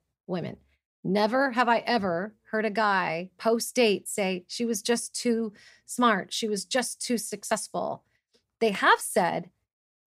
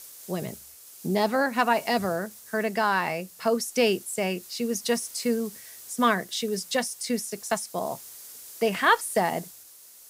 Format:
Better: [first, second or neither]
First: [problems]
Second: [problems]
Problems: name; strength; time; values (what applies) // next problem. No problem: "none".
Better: first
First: none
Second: hiss; noticeable; throughout; 15 dB below the speech